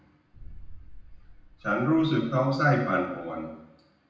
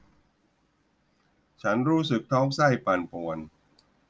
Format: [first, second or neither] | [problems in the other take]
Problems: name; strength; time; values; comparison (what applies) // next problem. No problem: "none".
second | background sound (Boom); 18 dB below the speech // room echo; dies away in 0.9 s